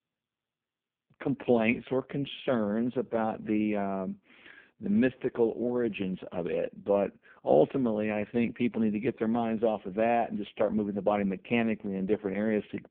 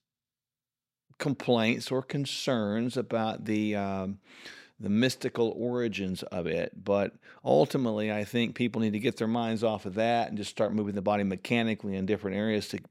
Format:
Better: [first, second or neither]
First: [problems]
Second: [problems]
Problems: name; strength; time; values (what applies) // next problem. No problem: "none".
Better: second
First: phone-call audio; poor line; nothing above 3.5 kHz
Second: none